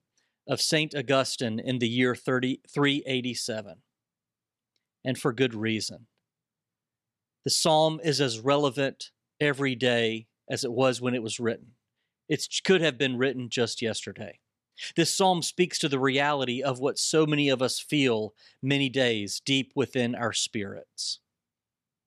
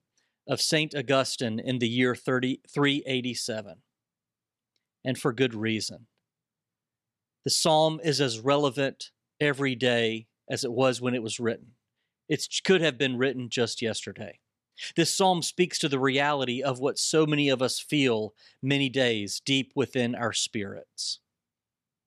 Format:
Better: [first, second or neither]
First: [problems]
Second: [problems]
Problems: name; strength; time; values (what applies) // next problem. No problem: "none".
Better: neither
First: none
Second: none